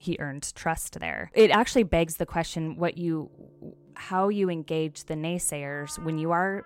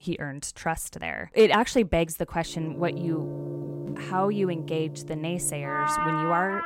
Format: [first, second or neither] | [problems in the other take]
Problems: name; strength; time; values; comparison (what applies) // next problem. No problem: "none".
first | background music; loud; from 2.5 s on; 5 dB below the speech; faint in the first